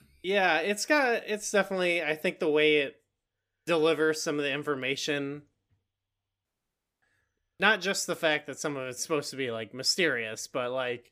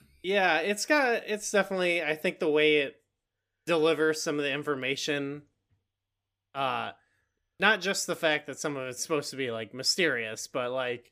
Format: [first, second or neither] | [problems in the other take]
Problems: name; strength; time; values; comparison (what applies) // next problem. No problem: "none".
second | audio cutting out; at 6.5 s for 0.5 s